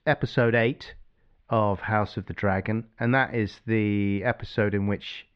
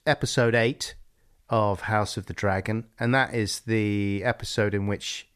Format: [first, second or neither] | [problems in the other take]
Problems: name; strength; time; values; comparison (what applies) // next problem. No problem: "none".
second | muffled; slightly; fading above 3.5 kHz